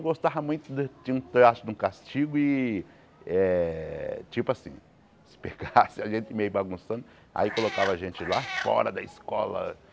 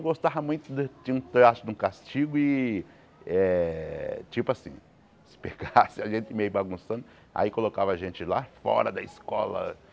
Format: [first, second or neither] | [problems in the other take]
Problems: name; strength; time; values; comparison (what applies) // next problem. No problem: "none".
second | background sound (Meow); 8 dB below the speech